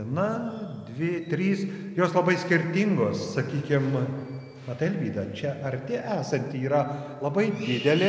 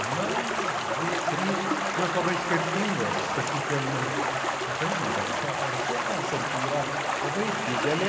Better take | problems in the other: first | background sound (Stream); 3 dB above the speech

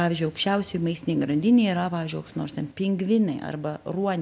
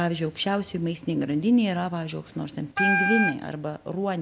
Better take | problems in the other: first | background sound (Wind instrument, woodwind instrument); as loud as the speech

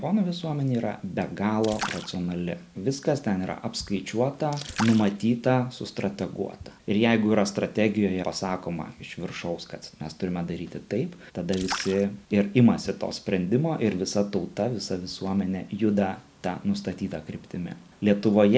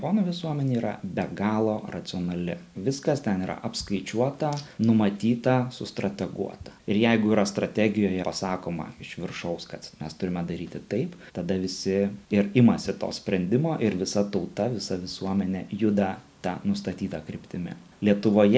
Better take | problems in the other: second | background sound (Splash, splatter); 13 dB below the speech

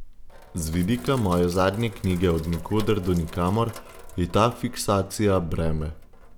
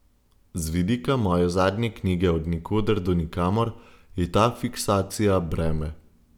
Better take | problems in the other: second | background sound (Sink (filling or washing)); 17 dB below the speech

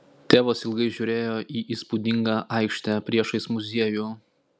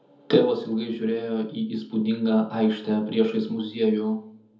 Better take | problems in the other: first | room echo; dies away in 0.7 s

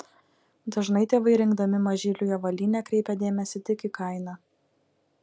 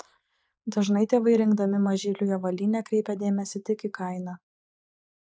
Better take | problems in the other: first | noise reduction (neural mask model Resemble Enhance denoiser)

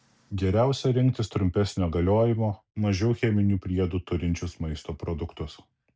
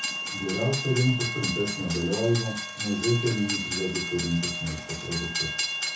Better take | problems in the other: first | background sound (Train); 3 dB below the speech // room echo; dies away in 0.5 s

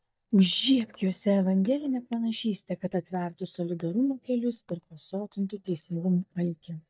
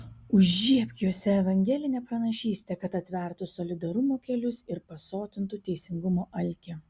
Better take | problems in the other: second | noise reduction (neural mask model DeepFilterNet 3)

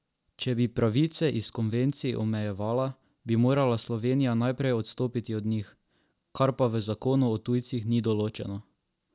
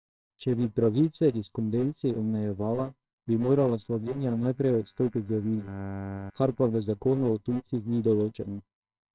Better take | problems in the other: first | noise reduction (neural separator model SepFormer WHAMR!)

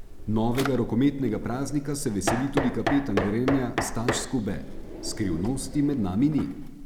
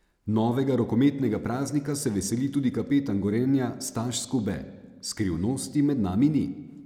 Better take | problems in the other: second | background sound (Knock + Drawer open or close); 5 dB below the speech

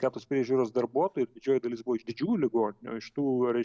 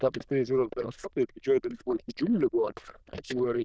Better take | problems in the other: first | noise reduction (neural diffusion model UNIVERSE++)

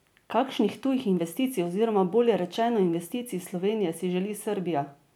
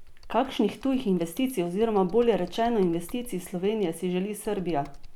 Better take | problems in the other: first | background sound (Computer keyboard); 15 dB below the speech

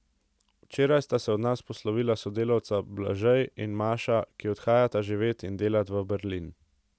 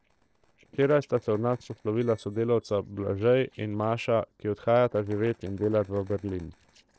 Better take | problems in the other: first | noise reduction (neural separator model SepFormer DNS4)

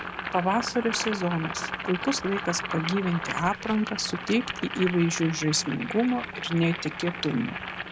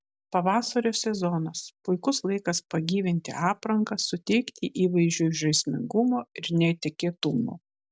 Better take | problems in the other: second | background sound (Boiling); 7 dB below the speech

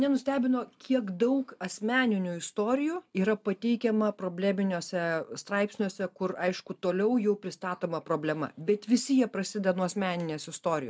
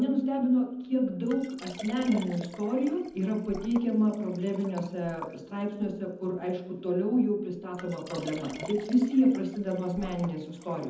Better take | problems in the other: first | background sound (Liquid); 18 dB below the speech // room echo; dies away in 0.8 s

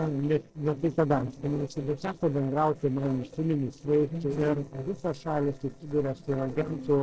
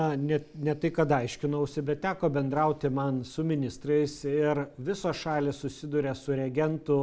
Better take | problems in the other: second | noise reduction (neural separator model SepFormer DNS4)

